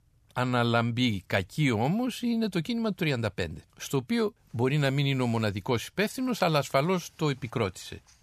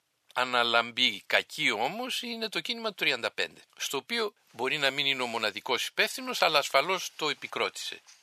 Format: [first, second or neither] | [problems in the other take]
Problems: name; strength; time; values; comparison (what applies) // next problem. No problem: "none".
first | thin; very; fading below 550 Hz